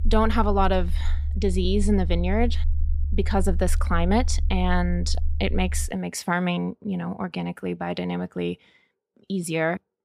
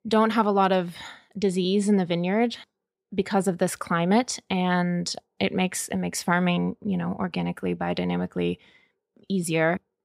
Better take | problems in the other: second | low rumble; noticeable; until 6 s; 20 dB below the speech

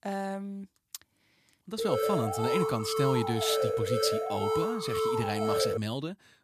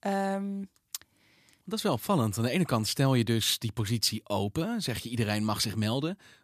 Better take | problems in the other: second | alarm; loud; from 2 to 6 s; peak 4 dB above the speech

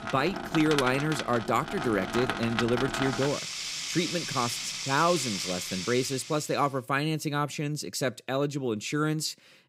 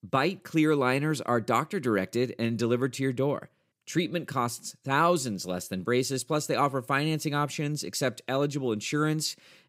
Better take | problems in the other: second | household noises; loud; until 6 s; 4 dB below the speech

